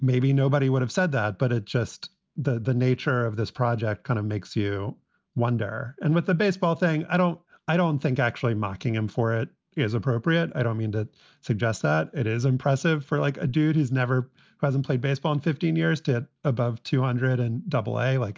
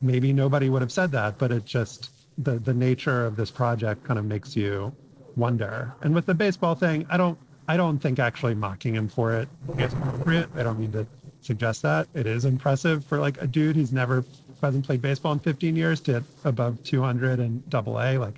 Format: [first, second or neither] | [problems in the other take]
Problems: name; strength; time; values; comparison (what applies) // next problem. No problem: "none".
first | noise reduction (neural separator model SepFormer DNS4)